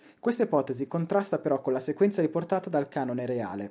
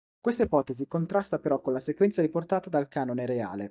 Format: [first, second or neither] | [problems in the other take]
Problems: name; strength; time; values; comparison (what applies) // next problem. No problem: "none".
first | noise reduction (neural mask model DeepFilterNet 3)